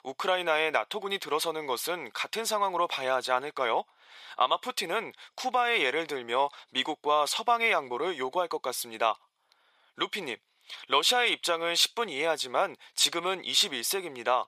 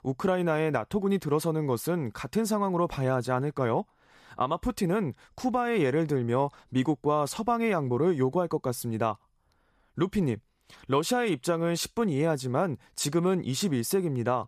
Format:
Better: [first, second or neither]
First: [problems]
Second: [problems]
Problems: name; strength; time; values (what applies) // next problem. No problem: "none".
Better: second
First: thin; very; fading below 700 Hz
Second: none